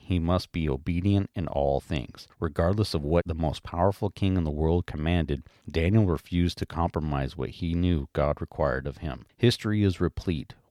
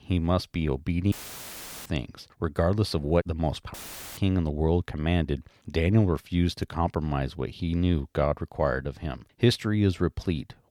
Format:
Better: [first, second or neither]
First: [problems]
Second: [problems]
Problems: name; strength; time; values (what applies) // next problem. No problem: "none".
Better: first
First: none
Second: audio cutting out; filled with static; at 1 s for 0.5 s and at 3.5 s